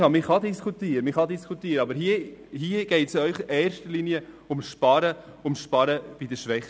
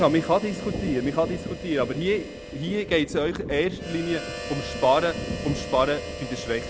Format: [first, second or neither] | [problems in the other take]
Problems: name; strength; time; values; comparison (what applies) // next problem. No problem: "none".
first | background sound (Harmonica + Thunder); 8 dB below the speech